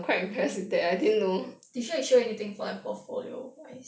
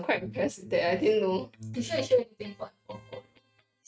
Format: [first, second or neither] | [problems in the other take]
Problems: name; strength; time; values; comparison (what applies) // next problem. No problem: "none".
first | noise reduction (neural mask model RNNoise)